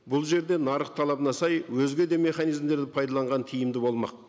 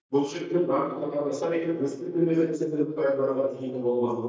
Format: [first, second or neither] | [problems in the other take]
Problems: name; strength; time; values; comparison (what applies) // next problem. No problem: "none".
first | noise reduction (neural mask model DeepFilterNet 3)